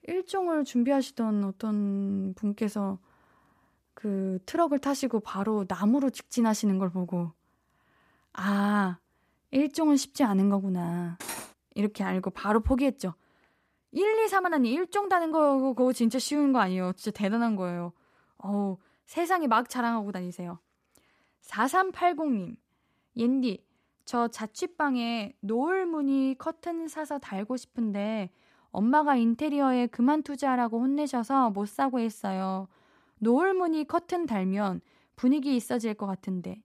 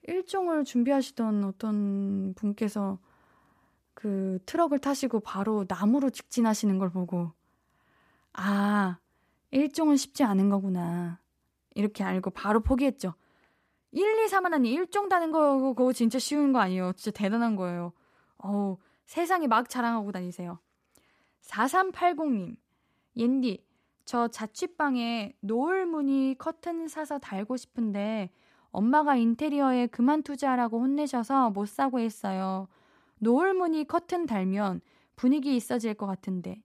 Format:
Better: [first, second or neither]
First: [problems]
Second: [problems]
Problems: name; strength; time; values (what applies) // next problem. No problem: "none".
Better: second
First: clattering dishes; noticeable; at 11 s; peak 9 dB below the speech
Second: none